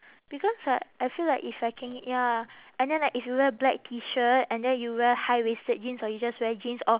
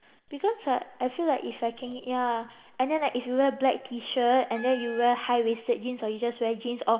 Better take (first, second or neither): first